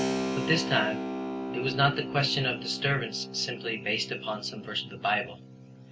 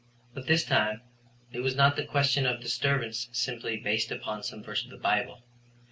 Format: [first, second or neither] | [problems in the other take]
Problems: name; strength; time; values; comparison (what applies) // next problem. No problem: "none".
second | background sound (Keyboard (musical)); 5 dB below the speech